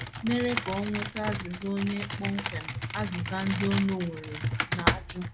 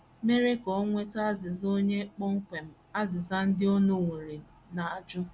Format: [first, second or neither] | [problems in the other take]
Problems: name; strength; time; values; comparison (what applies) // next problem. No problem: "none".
second | background sound (Computer keyboard); 1 dB below the speech